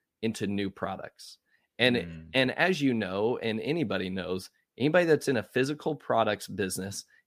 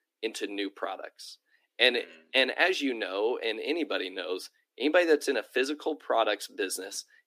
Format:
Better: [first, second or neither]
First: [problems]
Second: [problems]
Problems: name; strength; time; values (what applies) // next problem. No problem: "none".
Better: first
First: none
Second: thin; somewhat; fading below 300 Hz